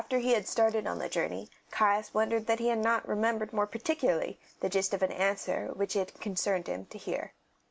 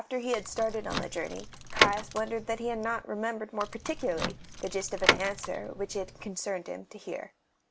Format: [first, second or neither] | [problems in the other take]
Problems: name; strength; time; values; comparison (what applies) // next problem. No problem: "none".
first | background sound (Door / Car); as loud as the speech